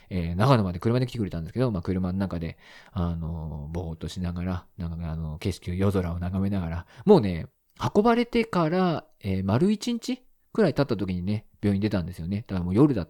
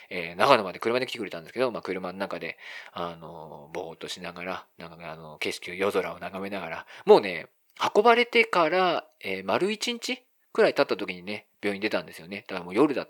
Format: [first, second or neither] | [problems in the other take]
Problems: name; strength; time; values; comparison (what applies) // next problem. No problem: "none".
first | thin; very; fading below 500 Hz